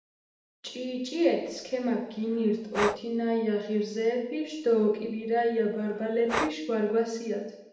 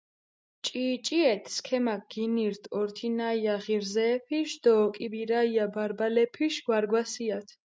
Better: second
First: background sound (Breathing); 10 dB below the speech // room echo; dies away in 0.8 s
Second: none

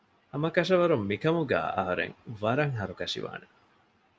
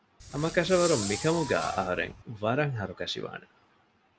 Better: first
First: none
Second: background sound (Fireworks); 8 dB below the speech

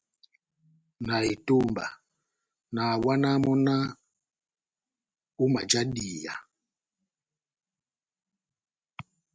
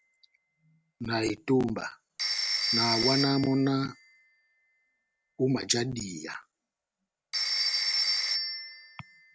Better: first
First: none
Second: background sound (Telephone); 2 dB below the speech

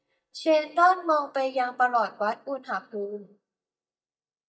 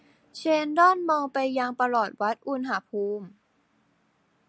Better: second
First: noise reduction (neural mask model DeepFilterNet 3)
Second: none

